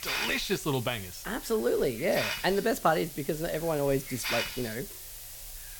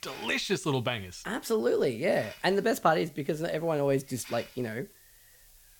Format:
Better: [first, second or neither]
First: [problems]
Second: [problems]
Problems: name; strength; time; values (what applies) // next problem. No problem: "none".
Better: second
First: hiss; loud; throughout; 7 dB below the speech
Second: hiss; faint; throughout; 20 dB below the speech